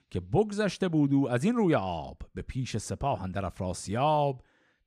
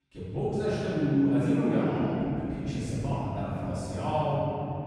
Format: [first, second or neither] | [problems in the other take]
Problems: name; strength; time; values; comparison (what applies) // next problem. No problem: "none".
first | room echo; strong; dies away in 3 s // off-mic speech; far